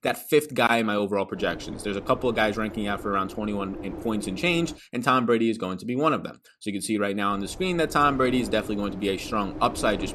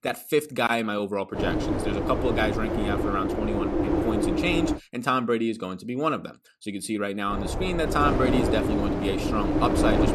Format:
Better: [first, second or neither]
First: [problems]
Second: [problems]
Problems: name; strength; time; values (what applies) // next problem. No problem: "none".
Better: first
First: wind noise on the microphone; occasional gusts; from 1.5 to 5 s and from 7.5 s on; 15 dB below the speech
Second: wind noise on the microphone; heavy; from 1.5 to 5 s and from 7.5 s on; 2 dB below the speech